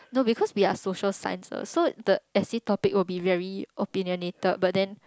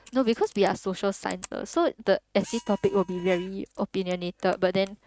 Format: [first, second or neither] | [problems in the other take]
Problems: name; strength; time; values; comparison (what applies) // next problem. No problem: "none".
first | noise reduction (neural mask model RNNoise)